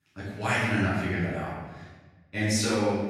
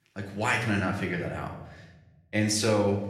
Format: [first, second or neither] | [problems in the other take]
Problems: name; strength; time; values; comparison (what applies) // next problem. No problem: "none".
second | room echo; strong; dies away in 1.2 s; slight in the second // off-mic speech; far; somewhat distant in the second